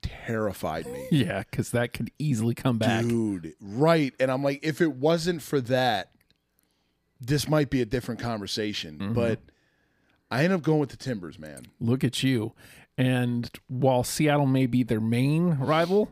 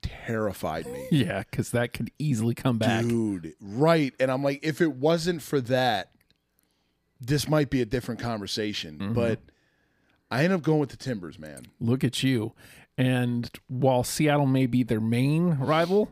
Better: neither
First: none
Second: none

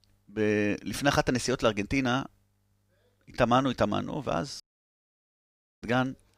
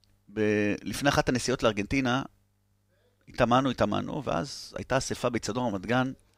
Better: second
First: audio cutting out; at 4.5 s for 1 s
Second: none

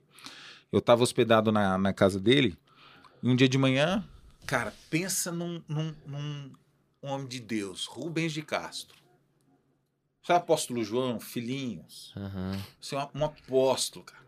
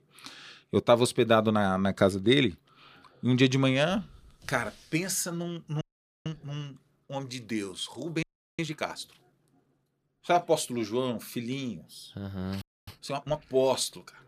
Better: first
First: none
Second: audio freezing; at 6 s, at 8 s and at 13 s

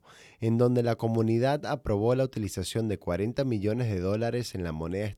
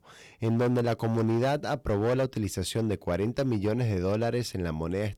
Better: first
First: none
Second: distortion; slight; 10% of the sound clipped

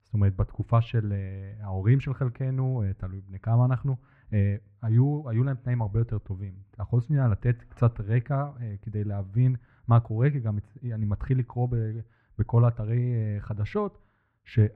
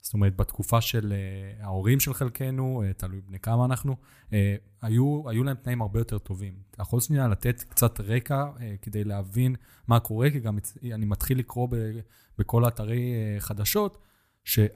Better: second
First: muffled; very; fading above 2 kHz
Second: none

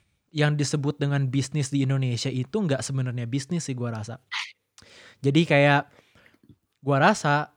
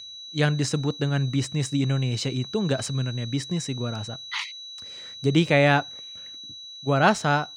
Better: first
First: none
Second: high-pitched whine; noticeable; throughout; 4 kHz, 15 dB below the speech

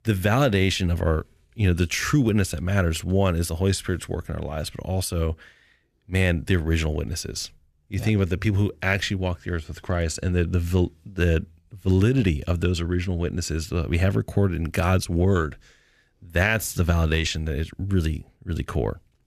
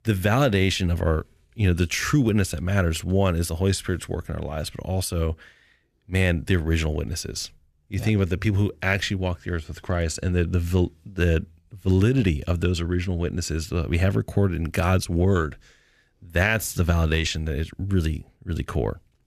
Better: neither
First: none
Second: none

